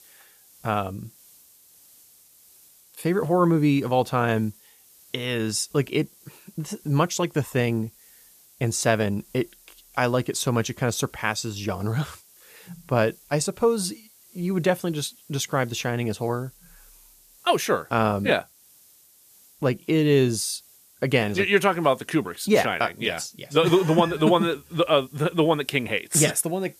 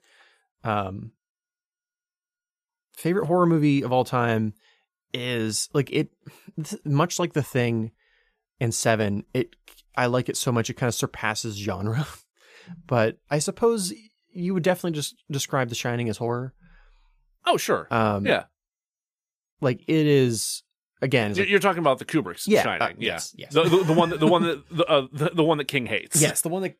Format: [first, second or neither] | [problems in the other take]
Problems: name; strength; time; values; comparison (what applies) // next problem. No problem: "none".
second | hiss; faint; throughout; 25 dB below the speech